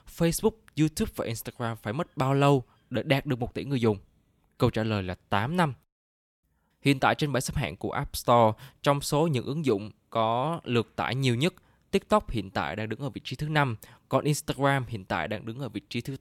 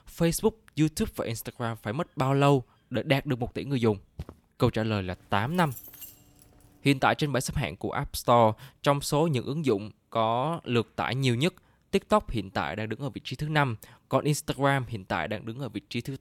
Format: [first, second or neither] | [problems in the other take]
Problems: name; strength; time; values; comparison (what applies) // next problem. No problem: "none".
first | footsteps; faint; at 4 s; peak 15 dB below the speech // jangling keys; faint; from 5 to 7 s; peak 15 dB below the speech